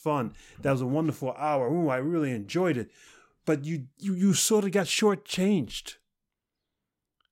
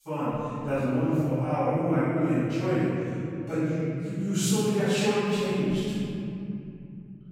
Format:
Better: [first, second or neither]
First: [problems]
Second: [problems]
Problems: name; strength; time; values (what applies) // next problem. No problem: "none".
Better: first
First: none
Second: room echo; strong; dies away in 3 s // off-mic speech; far